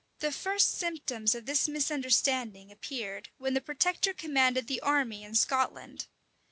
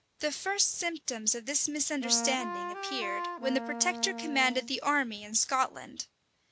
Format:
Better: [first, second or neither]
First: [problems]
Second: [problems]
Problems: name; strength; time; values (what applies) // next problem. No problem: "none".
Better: first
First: none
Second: background sound (Wind instrument, woodwind instrument); 6 dB below the speech